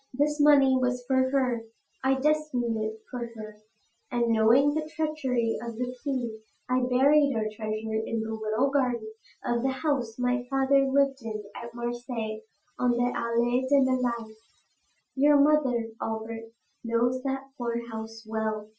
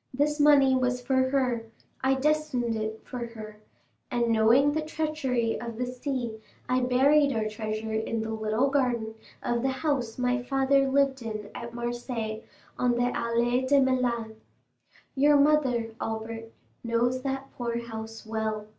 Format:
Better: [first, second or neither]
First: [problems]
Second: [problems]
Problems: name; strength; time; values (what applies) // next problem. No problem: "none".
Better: second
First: noise reduction (classical method Wiener filter)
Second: none